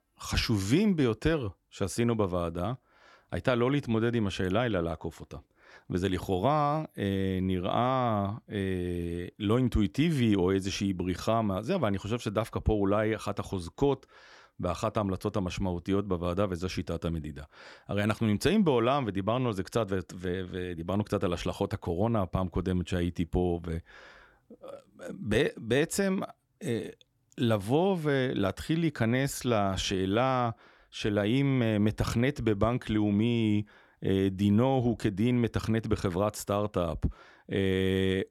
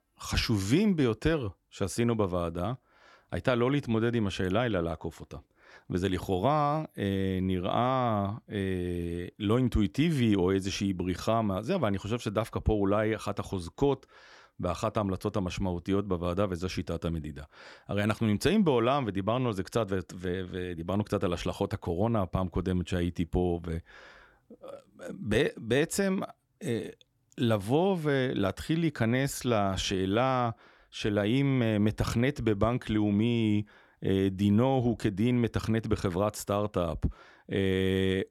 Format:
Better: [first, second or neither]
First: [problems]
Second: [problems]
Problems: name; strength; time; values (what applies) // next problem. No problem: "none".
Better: neither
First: none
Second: none